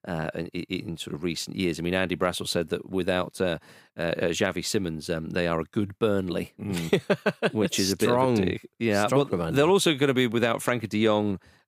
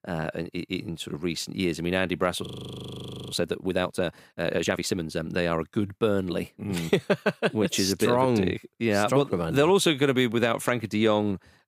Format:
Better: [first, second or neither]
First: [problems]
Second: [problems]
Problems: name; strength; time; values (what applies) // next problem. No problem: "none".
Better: first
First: none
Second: audio freezing; at 2.5 s for 1 s